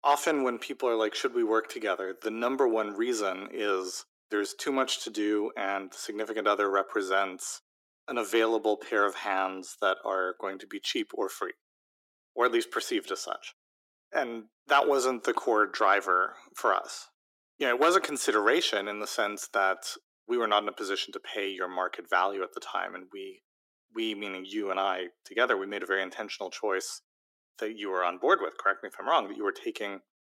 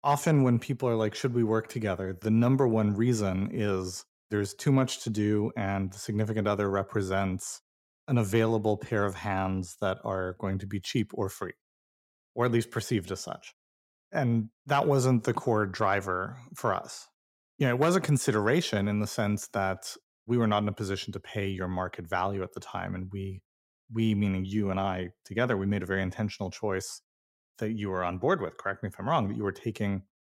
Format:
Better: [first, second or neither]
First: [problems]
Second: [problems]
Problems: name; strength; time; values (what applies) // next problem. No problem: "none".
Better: second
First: thin; very; fading below 300 Hz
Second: none